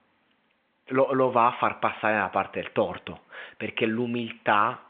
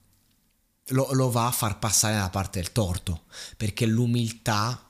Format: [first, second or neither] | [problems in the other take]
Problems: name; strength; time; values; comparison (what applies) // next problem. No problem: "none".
second | phone-call audio